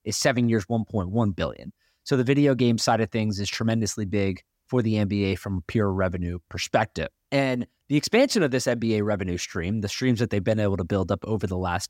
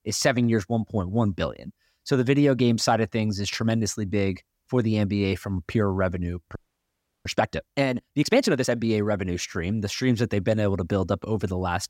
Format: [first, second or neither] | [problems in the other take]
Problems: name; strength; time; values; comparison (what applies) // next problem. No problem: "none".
first | audio freezing; at 6.5 s for 0.5 s